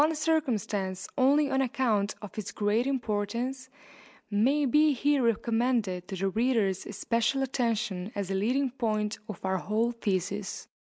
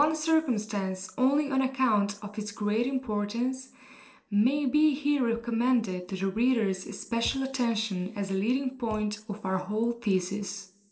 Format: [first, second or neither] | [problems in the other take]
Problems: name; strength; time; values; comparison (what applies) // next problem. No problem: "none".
first | noise reduction (neural separator model SepFormer DNS4)